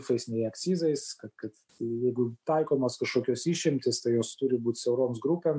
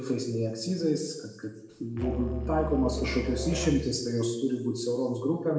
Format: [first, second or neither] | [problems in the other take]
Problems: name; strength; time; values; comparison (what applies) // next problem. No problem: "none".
first | background sound (Musical instrument); 5 dB below the speech // room echo; dies away in 0.9 s